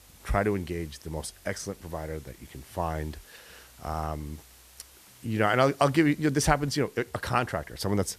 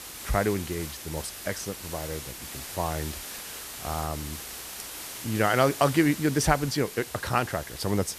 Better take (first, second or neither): first